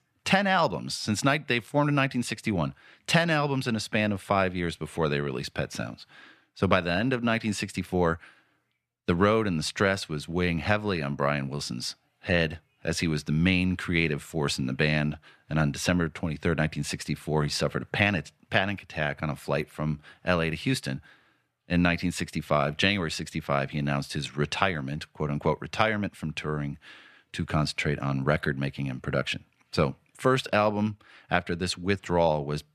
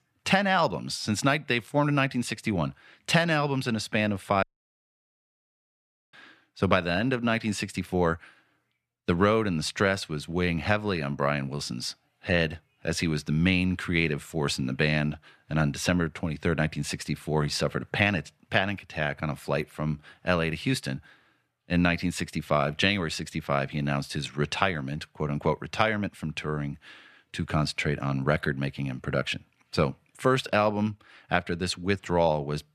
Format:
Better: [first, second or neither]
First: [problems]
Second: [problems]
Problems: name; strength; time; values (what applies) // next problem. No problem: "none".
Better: first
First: none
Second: audio cutting out; at 4.5 s for 1.5 s